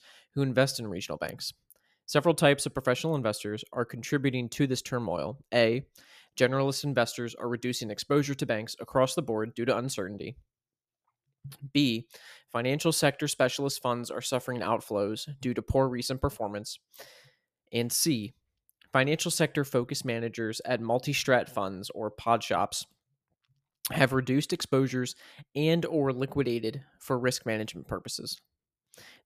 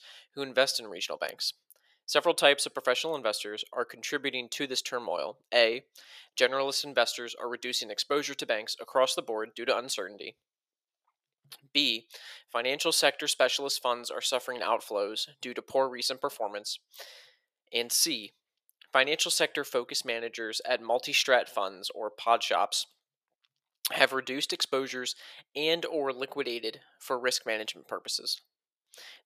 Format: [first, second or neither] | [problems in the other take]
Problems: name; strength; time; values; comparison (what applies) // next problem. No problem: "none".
first | thin; somewhat; fading below 550 Hz